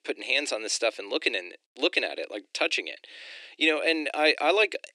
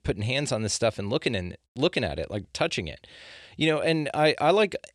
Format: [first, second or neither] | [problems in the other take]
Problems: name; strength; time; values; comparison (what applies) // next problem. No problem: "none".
second | thin; somewhat; fading below 300 Hz